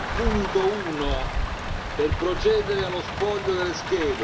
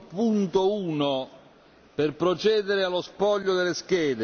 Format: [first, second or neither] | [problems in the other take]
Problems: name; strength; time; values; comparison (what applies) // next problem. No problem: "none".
second | background sound (Rain); 3 dB below the speech // room echo; dies away in 0.7 s